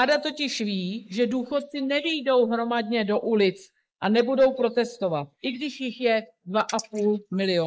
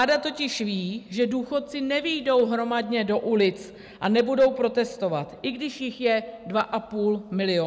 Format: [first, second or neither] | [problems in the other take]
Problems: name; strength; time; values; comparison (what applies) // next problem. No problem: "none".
second | noise reduction (neural mask model Resemble Enhance denoiser)